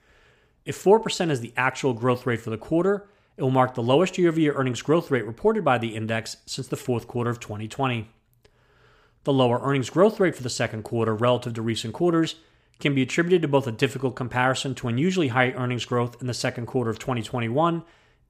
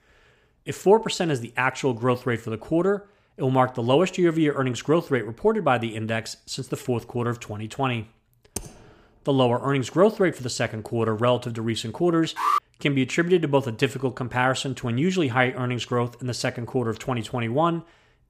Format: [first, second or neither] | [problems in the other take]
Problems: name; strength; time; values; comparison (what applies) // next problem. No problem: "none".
first | keyboard typing; faint; at 8.5 s; peak 10 dB below the speech // alarm; loud; at 12 s; peak 1 dB above the speech